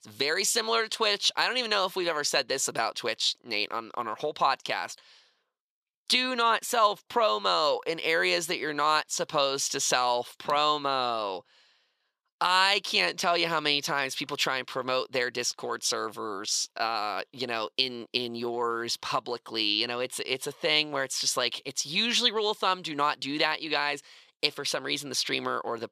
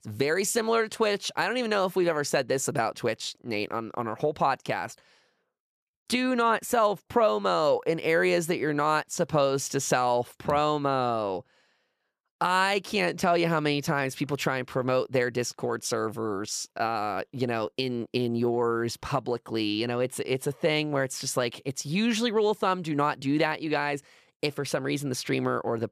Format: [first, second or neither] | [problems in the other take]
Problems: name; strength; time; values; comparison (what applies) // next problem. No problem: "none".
second | thin; somewhat; fading below 1 kHz